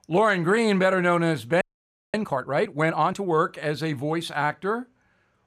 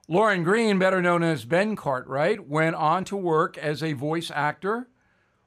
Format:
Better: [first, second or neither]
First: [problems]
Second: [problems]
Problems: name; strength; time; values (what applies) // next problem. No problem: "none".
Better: second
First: audio freezing; at 1.5 s for 0.5 s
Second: none